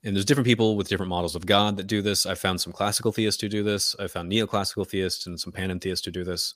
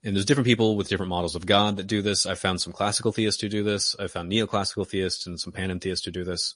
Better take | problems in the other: first | garbled, watery; slightly; nothing above 10.5 kHz

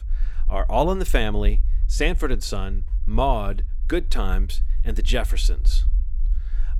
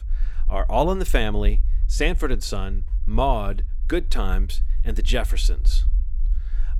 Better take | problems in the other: neither | low rumble; faint; throughout; 25 dB below the speech; the same in both

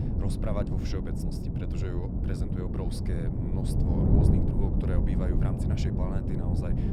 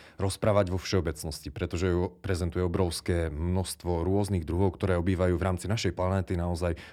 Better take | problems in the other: second | wind noise on the microphone; heavy; 3 dB above the speech

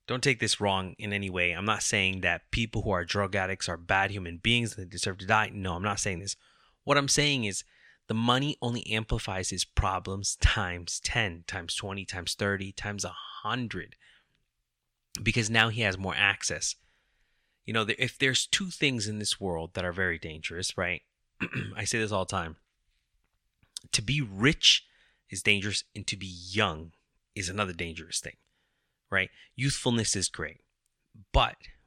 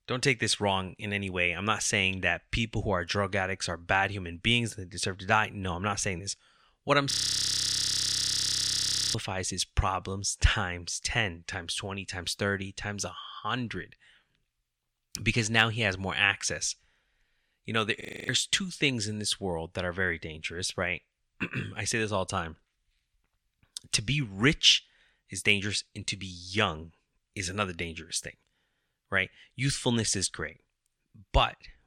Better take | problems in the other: first | audio freezing; at 7 s for 2 s and at 18 s

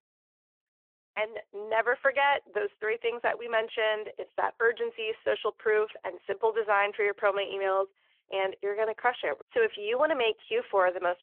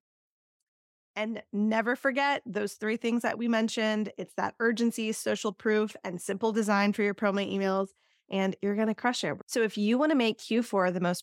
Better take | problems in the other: second | phone-call audio

